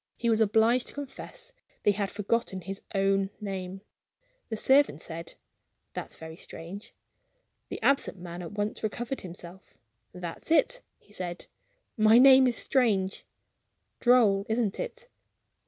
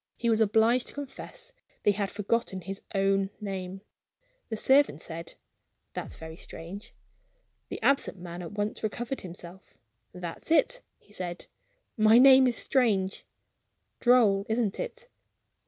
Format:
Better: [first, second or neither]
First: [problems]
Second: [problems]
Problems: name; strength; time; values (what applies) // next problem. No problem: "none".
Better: first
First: none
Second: background sound (Bass drum); 19 dB below the speech